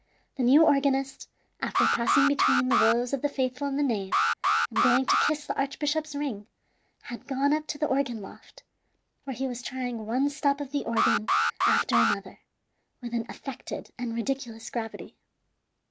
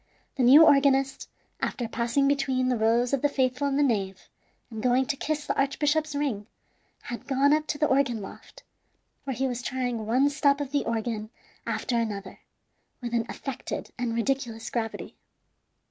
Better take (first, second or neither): second